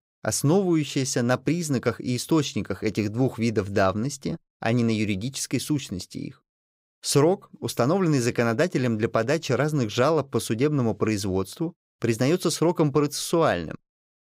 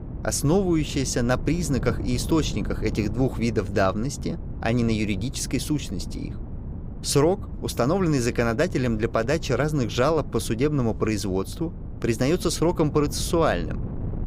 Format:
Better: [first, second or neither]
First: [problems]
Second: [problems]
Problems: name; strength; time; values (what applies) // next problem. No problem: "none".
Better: first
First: none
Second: wind noise on the microphone; occasional gusts; 20 dB below the speech